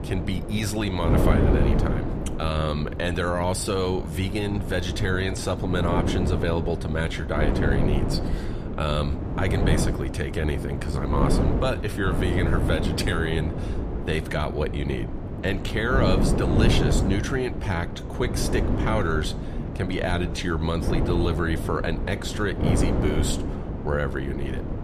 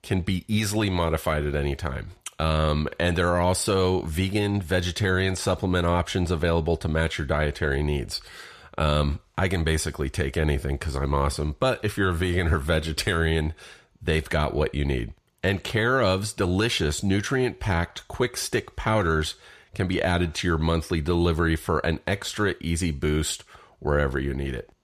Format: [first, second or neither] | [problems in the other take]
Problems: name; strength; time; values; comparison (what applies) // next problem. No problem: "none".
second | wind noise on the microphone; heavy; 4 dB below the speech